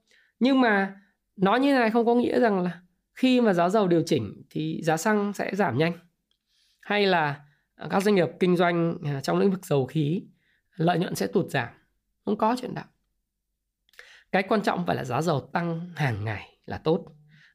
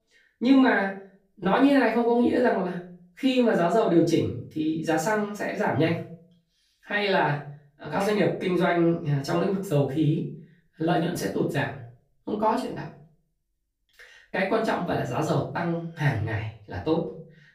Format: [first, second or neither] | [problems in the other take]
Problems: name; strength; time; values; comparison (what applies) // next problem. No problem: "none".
first | off-mic speech; far // room echo; slight; dies away in 0.4 s